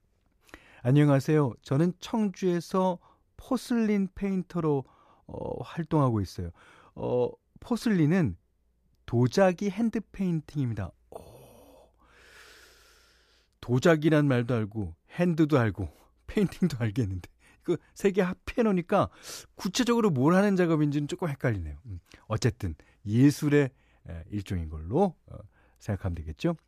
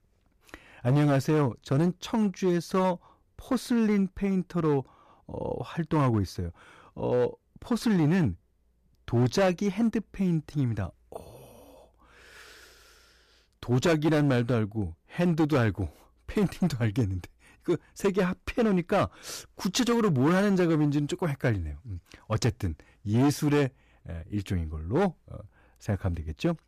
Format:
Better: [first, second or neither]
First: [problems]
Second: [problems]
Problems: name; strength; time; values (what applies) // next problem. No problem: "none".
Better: first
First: none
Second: distortion; slight; 7% of the sound clipped